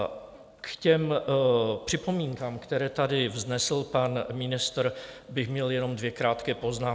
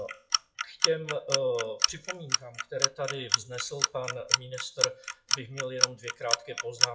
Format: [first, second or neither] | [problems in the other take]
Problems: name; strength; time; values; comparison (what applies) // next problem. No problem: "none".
first | noise reduction (classical method WPE with log-MMSE)